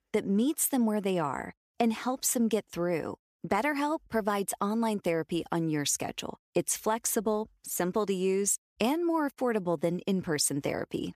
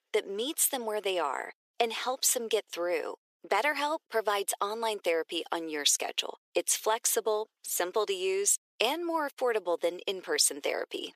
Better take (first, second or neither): first